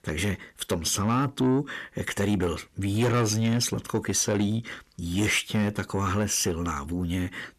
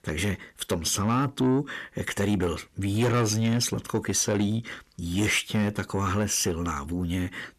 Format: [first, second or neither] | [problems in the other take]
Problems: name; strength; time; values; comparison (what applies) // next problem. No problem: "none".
neither | distortion; slight; 10 dB below the speech; the same in both